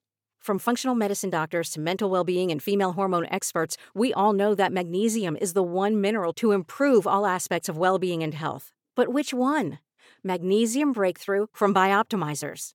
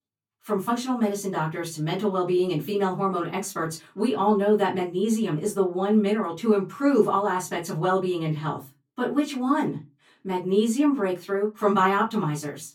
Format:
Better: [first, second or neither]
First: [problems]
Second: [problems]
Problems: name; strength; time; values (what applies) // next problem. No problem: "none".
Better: first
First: none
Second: off-mic speech; far // room echo; very slight; dies away in 0.2 s